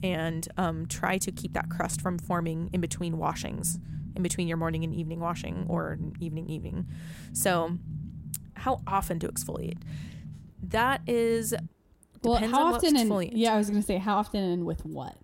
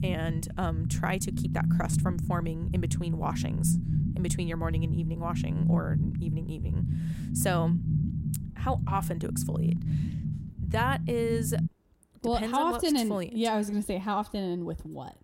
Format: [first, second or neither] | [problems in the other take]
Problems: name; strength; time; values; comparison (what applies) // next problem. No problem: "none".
first | low rumble; loud; until 12 s; 8 dB below the speech; faint in the first